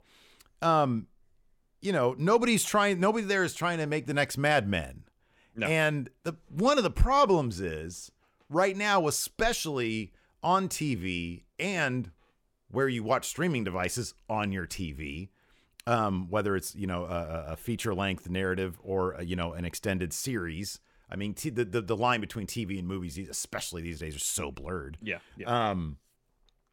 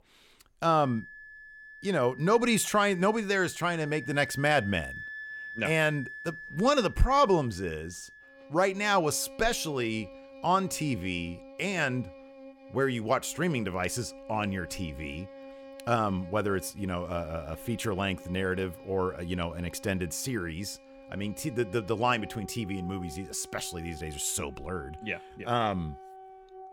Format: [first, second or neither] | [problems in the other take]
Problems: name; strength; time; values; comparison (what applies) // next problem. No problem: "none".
first | background music; noticeable; throughout; 15 dB below the speech